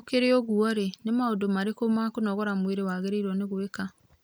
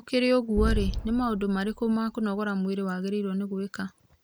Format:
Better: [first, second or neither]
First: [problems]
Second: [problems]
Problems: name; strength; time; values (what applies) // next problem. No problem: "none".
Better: first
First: none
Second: background sound (Boom); 5 dB below the speech